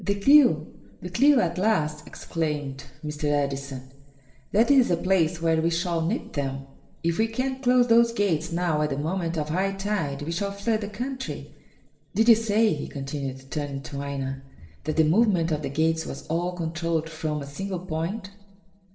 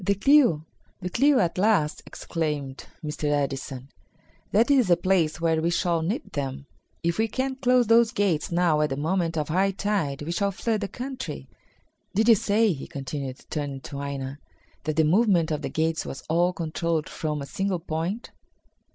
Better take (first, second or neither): second